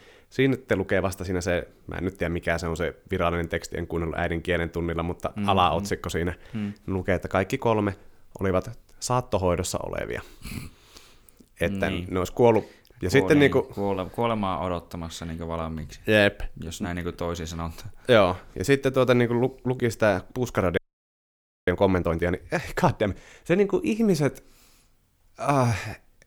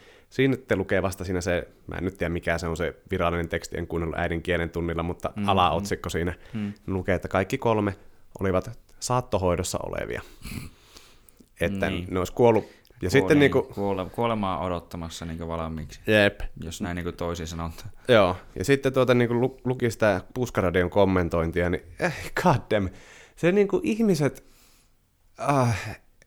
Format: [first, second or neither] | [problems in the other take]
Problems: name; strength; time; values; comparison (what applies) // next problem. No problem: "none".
second | audio freezing; at 21 s for 1 s